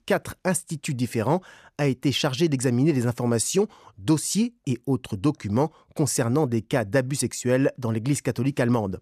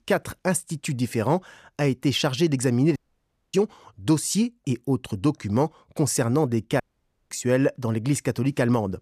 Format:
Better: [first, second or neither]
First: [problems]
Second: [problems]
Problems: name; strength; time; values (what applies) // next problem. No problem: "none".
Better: first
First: none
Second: audio cutting out; at 3 s for 0.5 s and at 7 s for 0.5 s